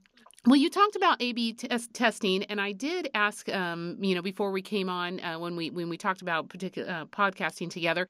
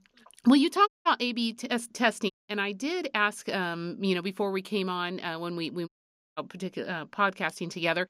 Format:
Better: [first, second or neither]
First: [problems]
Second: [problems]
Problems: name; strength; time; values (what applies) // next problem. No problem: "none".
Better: first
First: none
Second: audio cutting out; at 1 s, at 2.5 s and at 6 s